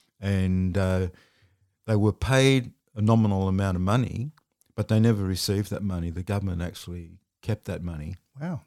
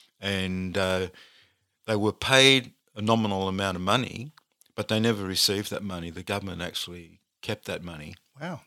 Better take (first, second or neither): first